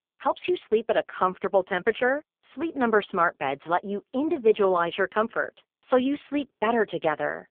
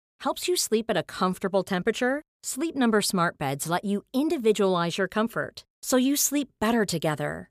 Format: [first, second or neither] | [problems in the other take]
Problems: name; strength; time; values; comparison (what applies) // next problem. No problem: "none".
second | phone-call audio; poor line